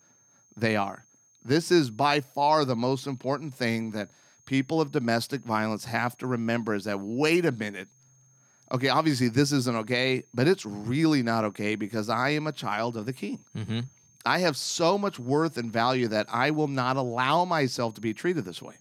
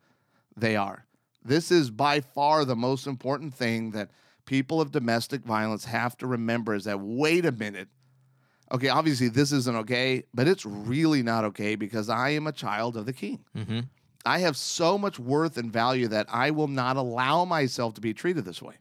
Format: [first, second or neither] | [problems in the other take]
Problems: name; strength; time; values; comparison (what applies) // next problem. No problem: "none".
second | high-pitched whine; faint; throughout; 6.5 kHz, 30 dB below the speech